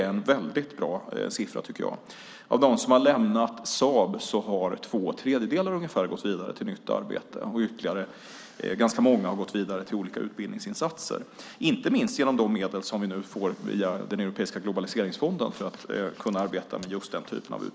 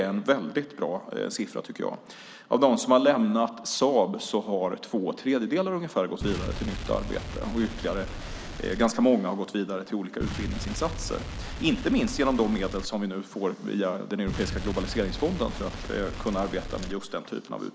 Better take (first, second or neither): first